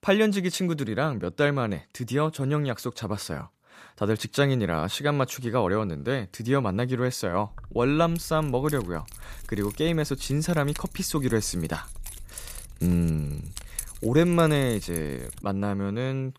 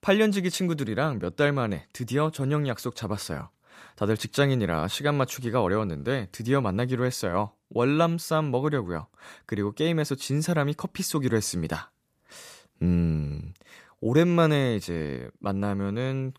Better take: second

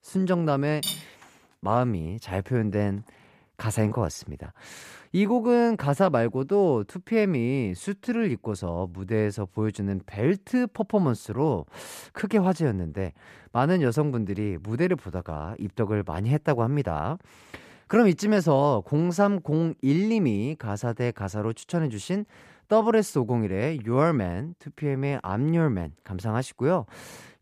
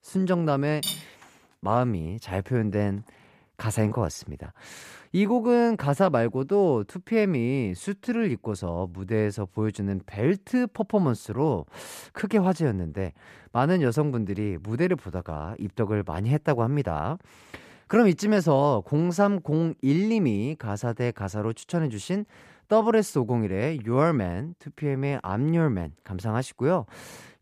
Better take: neither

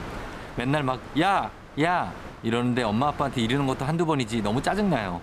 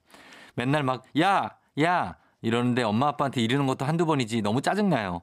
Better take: second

